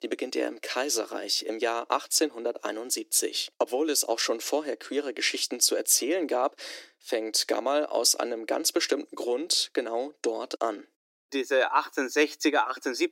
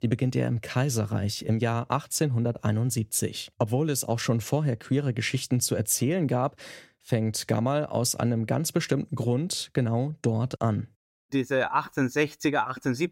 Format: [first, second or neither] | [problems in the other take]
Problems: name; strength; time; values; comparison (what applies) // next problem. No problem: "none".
second | thin; very; fading below 300 Hz